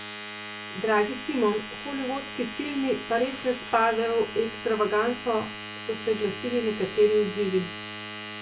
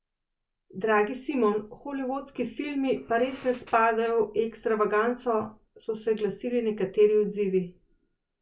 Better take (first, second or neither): second